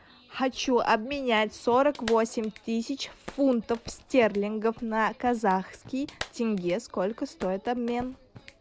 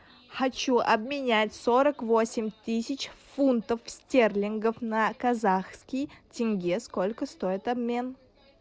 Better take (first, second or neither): second